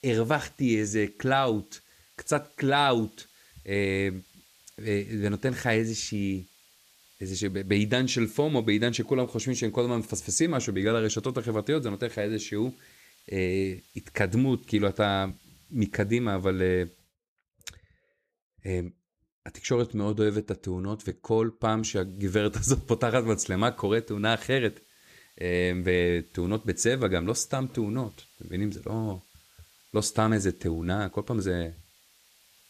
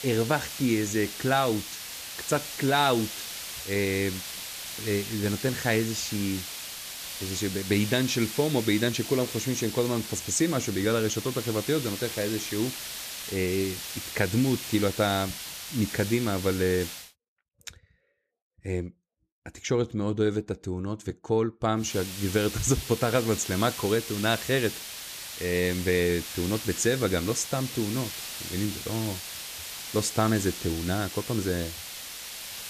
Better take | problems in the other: first | hiss; loud; until 17 s and from 22 s on; 7 dB below the speech; faint in the first

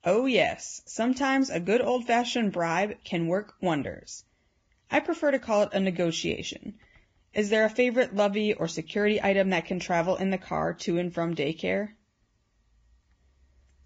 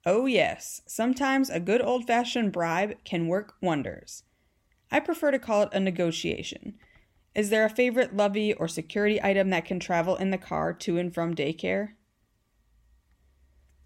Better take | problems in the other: second | garbled, watery; badly; nothing above 7.5 kHz

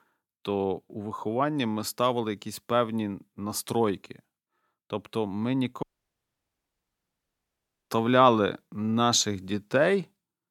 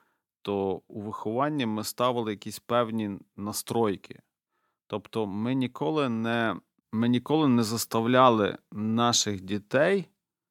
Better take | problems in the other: second | audio cutting out; at 6 s for 2 s

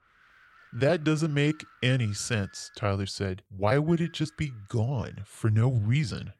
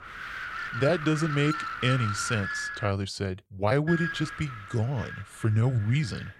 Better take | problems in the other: first | wind noise on the microphone; heavy; until 3 s and from 4 s on; 1 dB below the speech; occasional gusts in the first

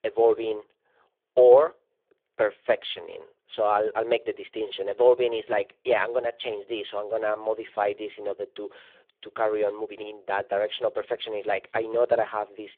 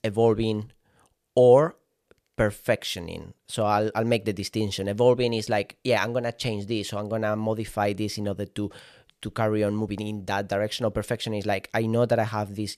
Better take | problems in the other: second | phone-call audio; poor line; nothing above 3.5 kHz

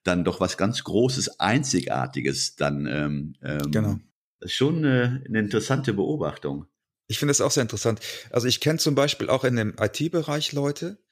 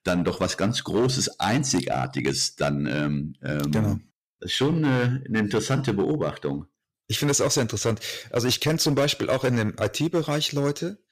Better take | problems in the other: first | distortion; slight; 7% of the sound clipped

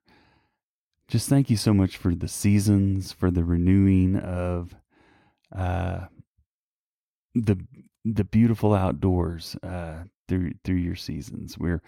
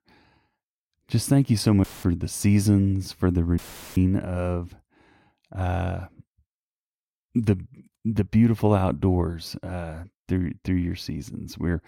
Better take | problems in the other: first | audio cutting out; filled with static; at 2 s and at 3.5 s

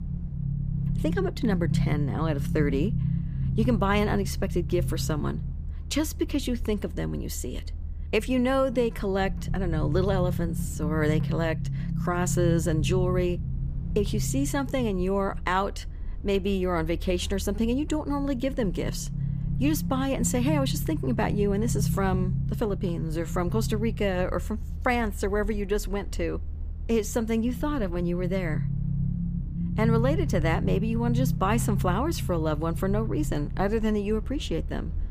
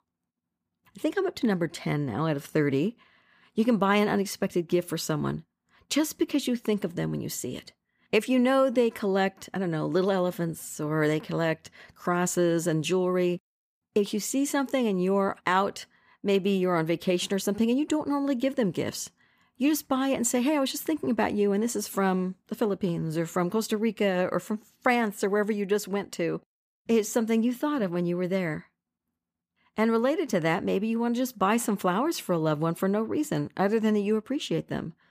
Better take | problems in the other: second | low rumble; noticeable; throughout; 10 dB below the speech

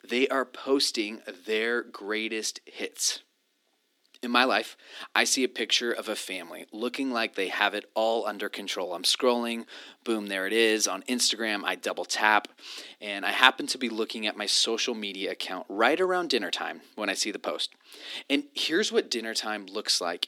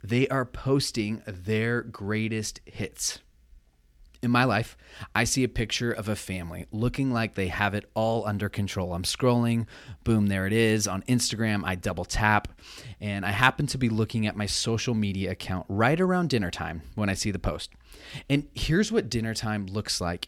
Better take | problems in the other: second | thin; somewhat; fading below 250 Hz

